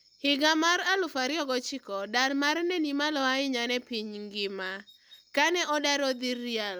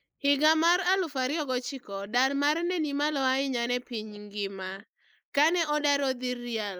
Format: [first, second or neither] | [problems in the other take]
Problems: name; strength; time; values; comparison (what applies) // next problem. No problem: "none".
first | noise reduction (neural mask model Resemble Enhance denoiser)